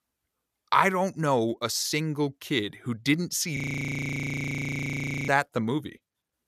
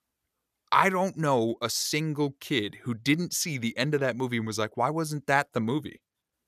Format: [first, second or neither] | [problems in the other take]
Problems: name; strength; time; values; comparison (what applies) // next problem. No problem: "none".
second | audio freezing; at 3.5 s for 1.5 s